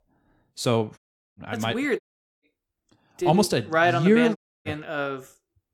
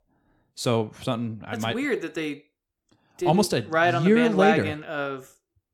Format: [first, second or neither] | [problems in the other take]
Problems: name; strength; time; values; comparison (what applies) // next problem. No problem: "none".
second | audio cutting out; at 1 s, at 2 s and at 4.5 s